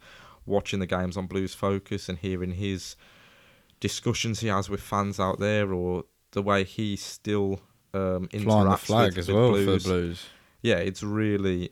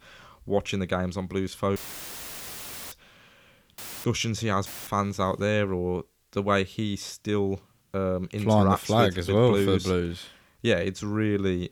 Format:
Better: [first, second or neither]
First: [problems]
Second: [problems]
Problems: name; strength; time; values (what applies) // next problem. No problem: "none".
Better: first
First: none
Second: audio cutting out; filled with static; at 2 s for 1 s, at 4 s and at 4.5 s